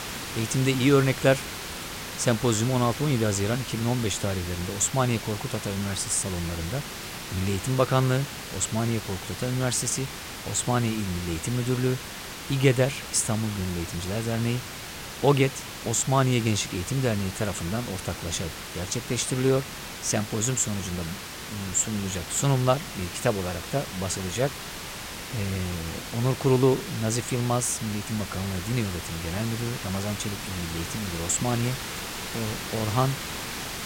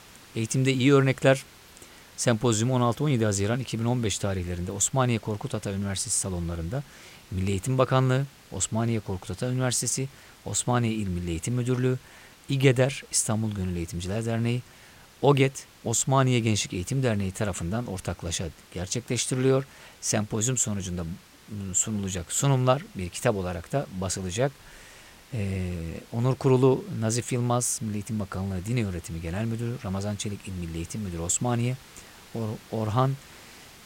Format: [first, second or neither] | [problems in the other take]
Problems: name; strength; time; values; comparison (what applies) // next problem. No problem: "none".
second | hiss; loud; throughout; 8 dB below the speech; faint in the second